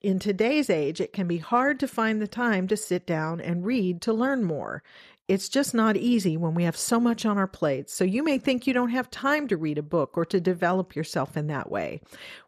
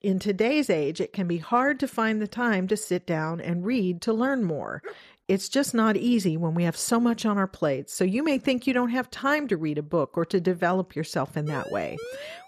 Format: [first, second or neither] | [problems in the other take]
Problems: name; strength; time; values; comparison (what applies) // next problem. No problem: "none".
first | dog barking; faint; at 5 s; peak 15 dB below the speech // siren; faint; from 11 s on; peak 15 dB below the speech